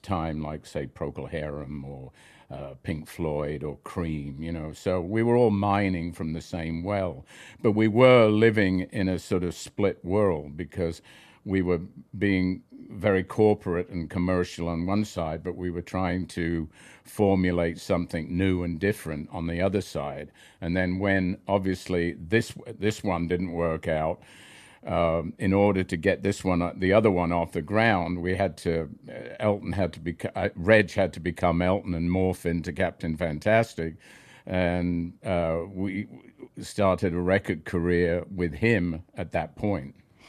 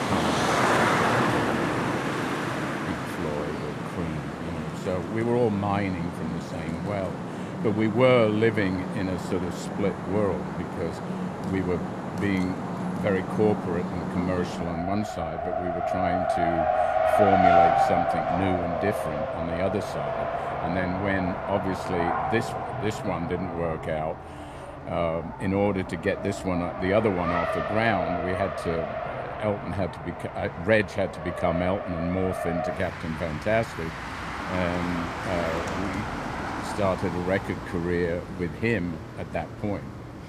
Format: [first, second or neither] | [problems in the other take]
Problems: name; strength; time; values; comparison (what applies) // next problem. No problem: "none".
first | traffic noise; loud; throughout; as loud as the speech